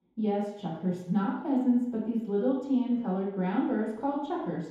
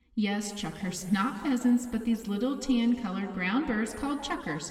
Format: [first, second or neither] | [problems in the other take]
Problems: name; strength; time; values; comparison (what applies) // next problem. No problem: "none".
second | room echo; strong; dies away in 0.8 s; slight in the second // off-mic speech; far; somewhat distant in the second